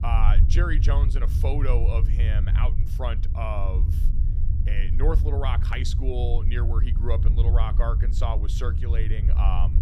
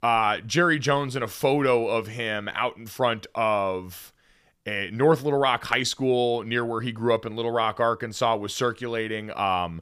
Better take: second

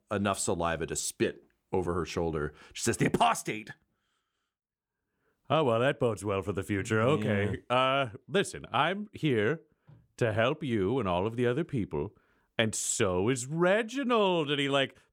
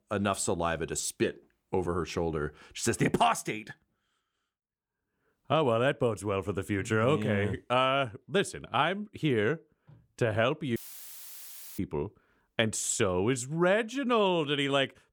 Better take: first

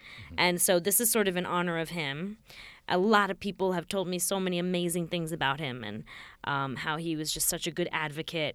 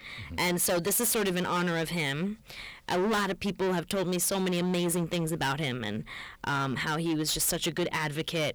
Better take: first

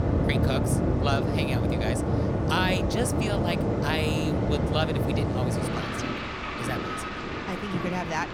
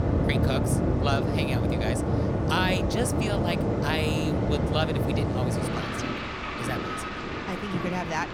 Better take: neither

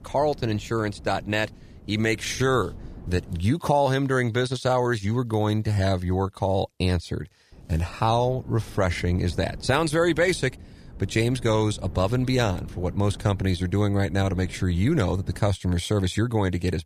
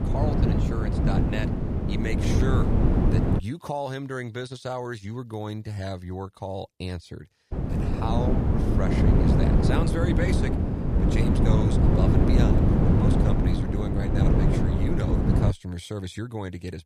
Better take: first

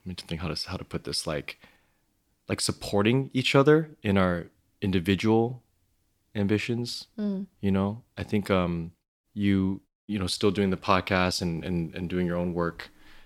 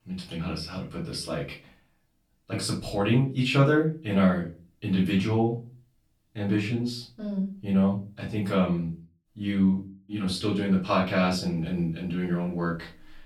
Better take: first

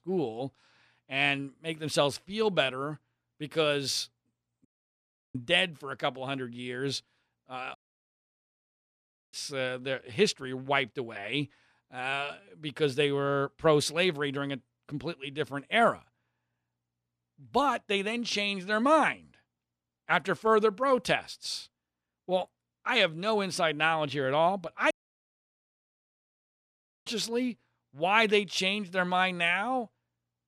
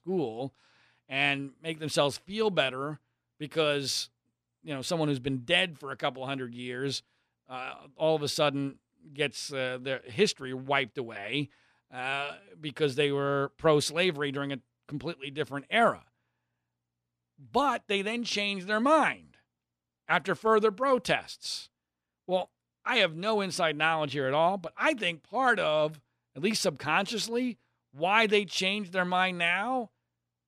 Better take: second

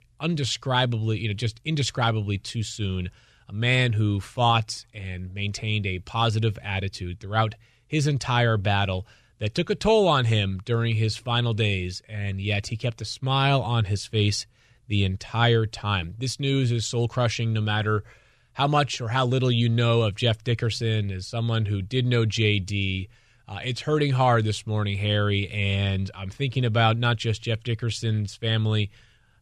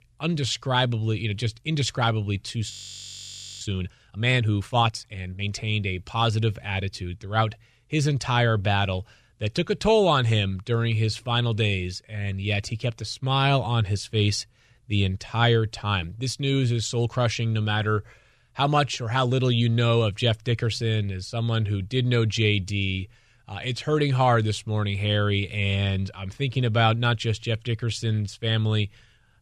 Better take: first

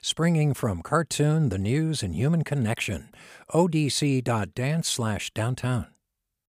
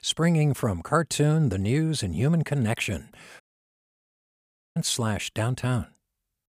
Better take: first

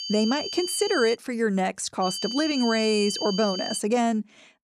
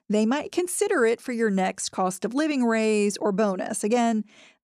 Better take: second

